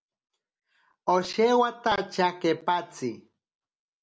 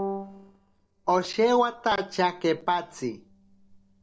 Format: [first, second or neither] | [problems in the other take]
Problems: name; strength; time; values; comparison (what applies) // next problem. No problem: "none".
first | noise reduction (neural separator model SepFormer DNS4)